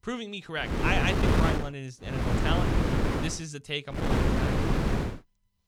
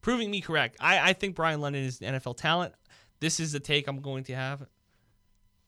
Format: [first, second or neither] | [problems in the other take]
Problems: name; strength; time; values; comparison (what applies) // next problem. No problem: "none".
second | wind noise on the microphone; heavy; at 0.5 s, from 2 to 3.5 s and from 4 to 5 s; 1 dB above the speech